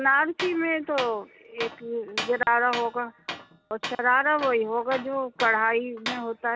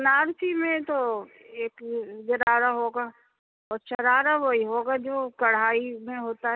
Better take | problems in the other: second | background sound (Tools); 12 dB below the speech

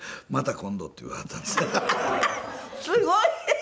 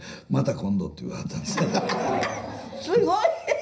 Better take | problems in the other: first | room echo; dies away in 0.5 s

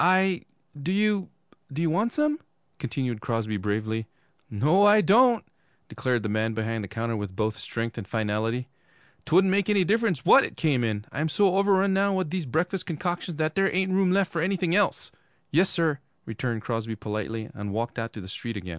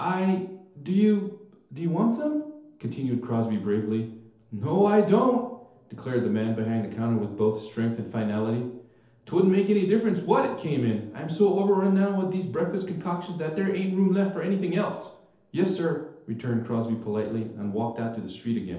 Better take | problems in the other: first | room echo; dies away in 2.2 s

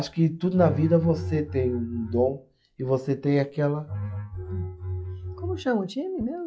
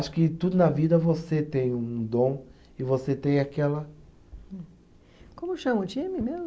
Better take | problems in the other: second | noise reduction (classical method log-MMSE)

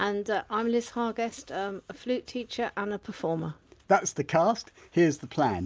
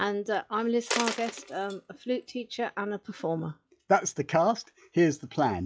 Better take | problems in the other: first | noise reduction (classical method log-MMSE)

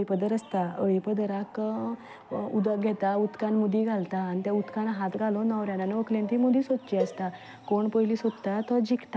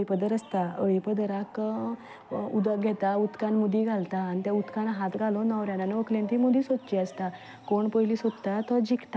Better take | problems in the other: second | background sound (Cowbell); 11 dB below the speech

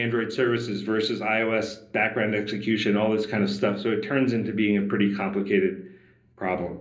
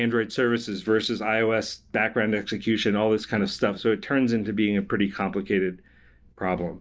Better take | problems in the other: second | room echo; dies away in 0.5 s

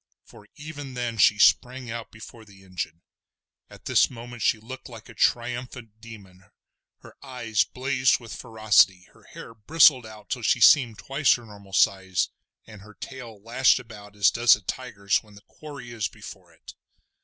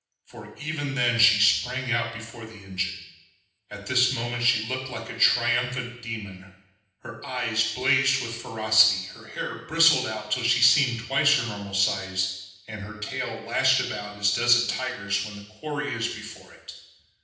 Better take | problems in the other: first | room echo; dies away in 0.9 s

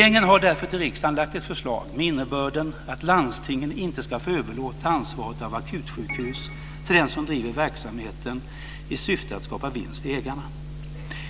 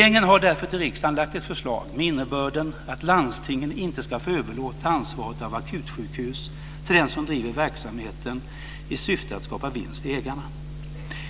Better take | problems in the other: second | background sound (Organ); 13 dB below the speech

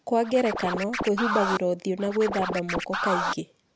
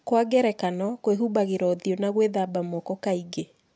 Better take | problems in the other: second | background sound (Scratching (performance technique)); 3 dB below the speech

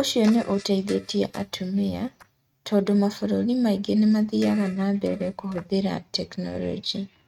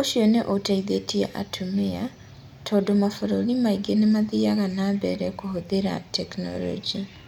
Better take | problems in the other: second | noise reduction (neural mask model RNNoise)

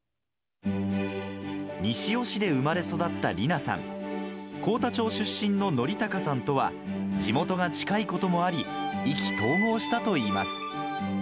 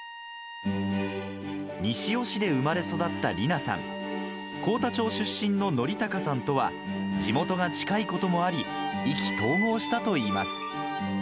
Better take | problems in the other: first | background sound (Bowed string instrument); 15 dB below the speech

